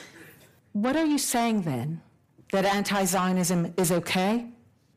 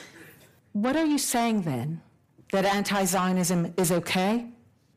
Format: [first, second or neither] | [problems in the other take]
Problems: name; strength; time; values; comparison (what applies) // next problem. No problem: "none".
neither | distortion; heavy; 8 dB below the speech; the same in both